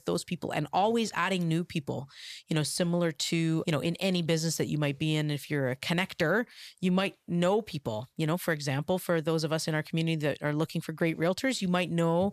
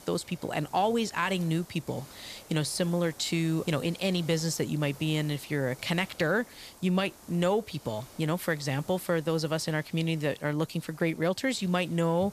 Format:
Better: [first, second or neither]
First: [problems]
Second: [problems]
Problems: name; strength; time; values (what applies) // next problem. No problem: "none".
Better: first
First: none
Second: hiss; faint; throughout; 20 dB below the speech